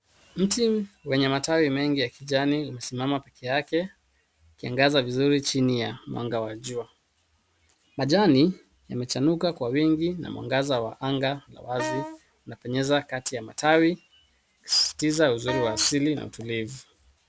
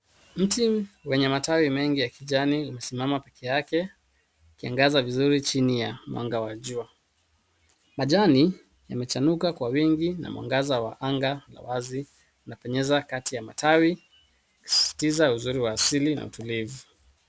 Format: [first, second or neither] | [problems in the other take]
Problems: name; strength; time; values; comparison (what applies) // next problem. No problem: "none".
second | background sound (Wind instrument, woodwind instrument); 9 dB below the speech